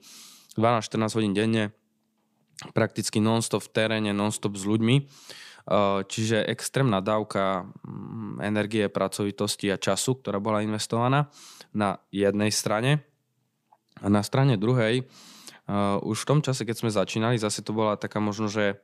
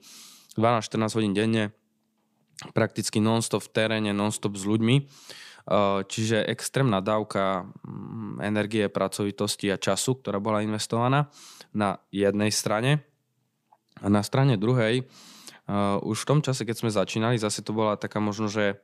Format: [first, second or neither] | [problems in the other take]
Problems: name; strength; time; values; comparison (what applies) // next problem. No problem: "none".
neither | none